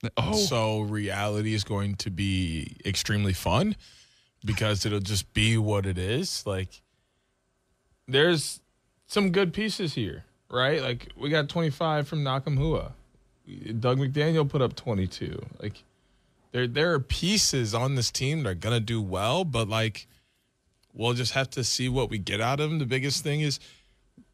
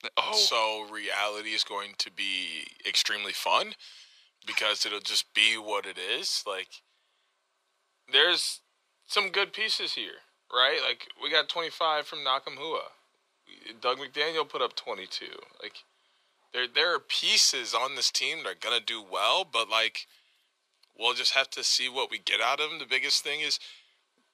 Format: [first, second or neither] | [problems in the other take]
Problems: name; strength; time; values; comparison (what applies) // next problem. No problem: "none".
first | thin; very; fading below 500 Hz